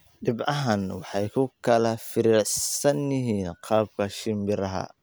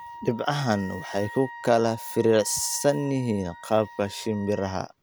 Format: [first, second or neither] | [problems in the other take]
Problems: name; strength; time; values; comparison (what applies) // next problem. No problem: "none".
first | background sound (Wind instrument, woodwind instrument); 16 dB below the speech